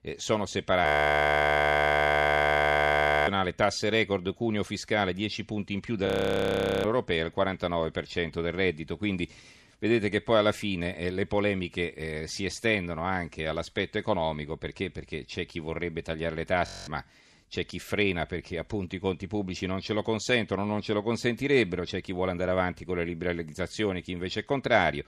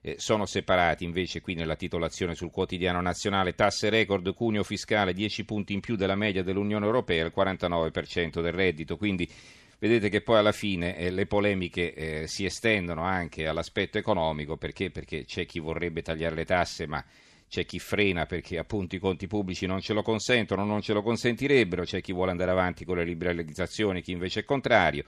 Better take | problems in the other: second | audio freezing; at 1 s for 2.5 s, at 6 s for 1 s and at 17 s

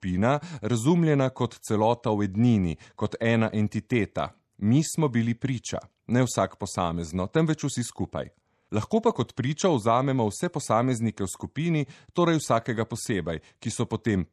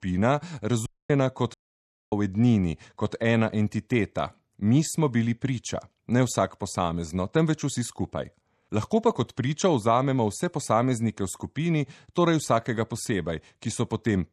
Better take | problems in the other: first | audio cutting out; at 1 s and at 1.5 s for 0.5 s

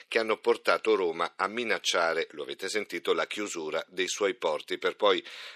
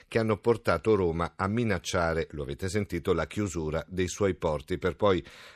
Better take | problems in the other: second | thin; somewhat; fading below 350 Hz

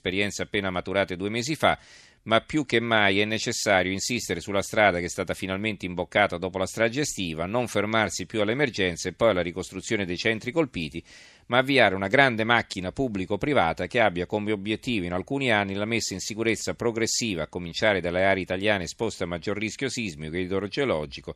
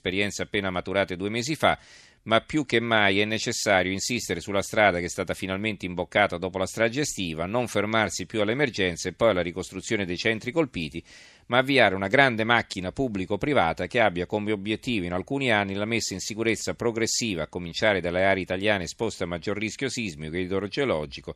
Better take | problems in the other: neither | none

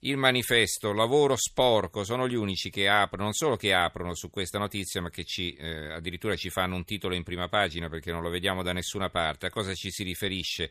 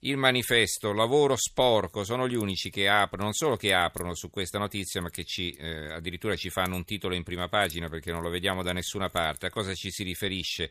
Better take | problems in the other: first | jangling keys; faint; from 2 to 9.5 s; peak 10 dB below the speech

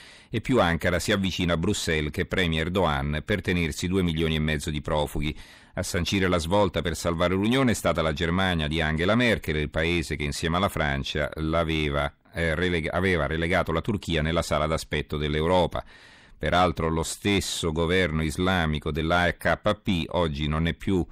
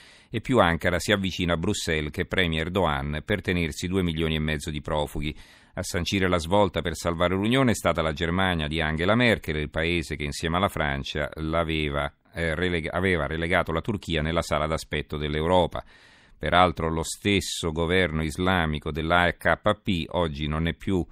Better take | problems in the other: second | distortion; slight; 10 dB below the speech

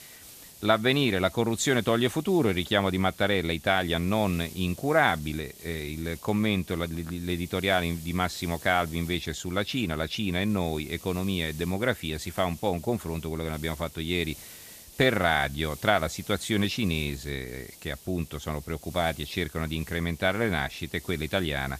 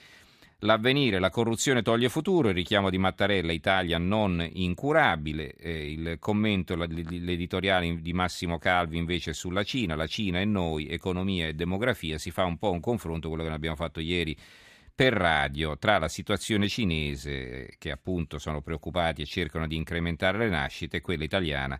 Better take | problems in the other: second | hiss; noticeable; throughout; 20 dB below the speech

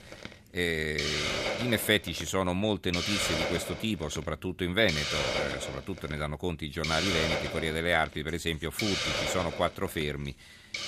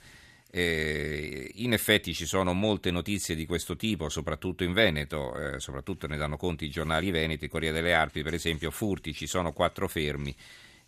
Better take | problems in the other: second | hiss; loud; throughout; 1 dB below the speech

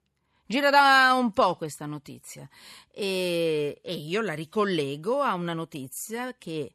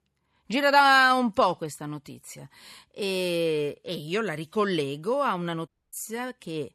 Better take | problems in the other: first | audio cutting out; at 5.5 s

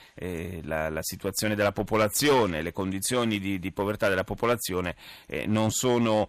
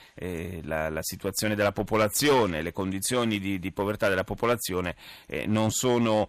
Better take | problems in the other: neither | distortion; slight; 5% of the sound clipped; the same in both

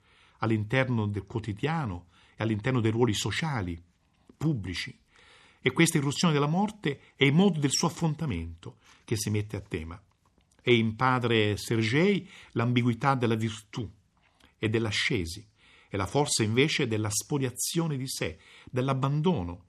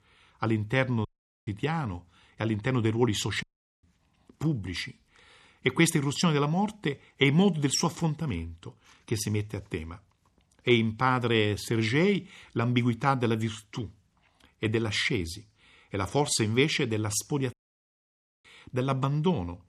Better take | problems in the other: first | audio cutting out; at 1 s, at 3.5 s and at 18 s for 1 s

